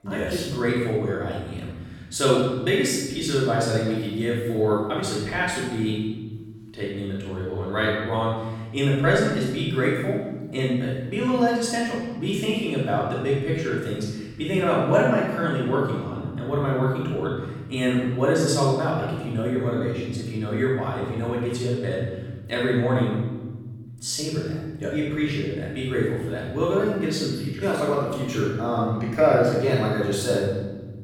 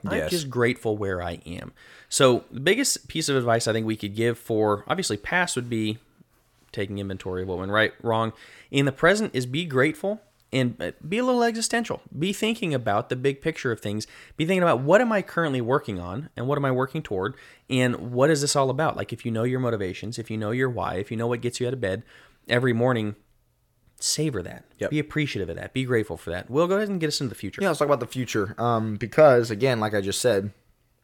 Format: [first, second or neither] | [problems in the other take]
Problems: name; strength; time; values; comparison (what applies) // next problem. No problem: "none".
second | off-mic speech; far // room echo; strong; dies away in 1.8 s